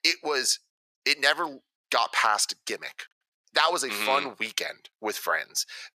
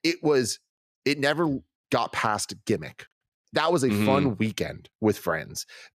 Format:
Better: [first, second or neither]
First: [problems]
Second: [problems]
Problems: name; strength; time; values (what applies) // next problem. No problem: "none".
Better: second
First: thin; very; fading below 850 Hz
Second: none